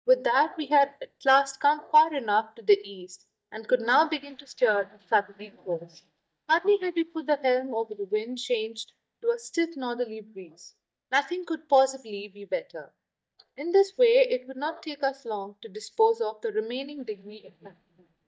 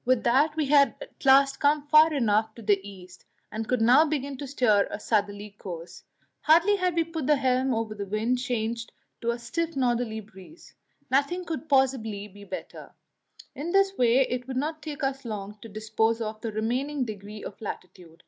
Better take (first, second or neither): second